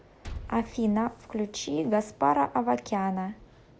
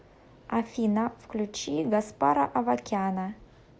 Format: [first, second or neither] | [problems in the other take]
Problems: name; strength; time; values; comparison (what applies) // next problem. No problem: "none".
second | background sound (Liquid); 18 dB below the speech